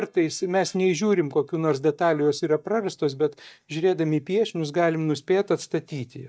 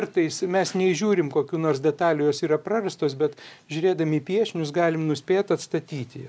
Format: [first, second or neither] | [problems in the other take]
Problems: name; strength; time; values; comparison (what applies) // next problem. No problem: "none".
second | noise reduction (neural mask model DeepFilterNet 3)